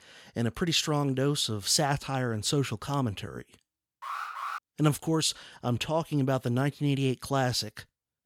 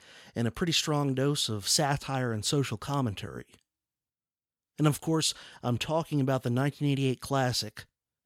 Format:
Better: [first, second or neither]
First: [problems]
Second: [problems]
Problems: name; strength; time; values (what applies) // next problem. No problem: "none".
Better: second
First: alarm; noticeable; at 4 s; peak 7 dB below the speech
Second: none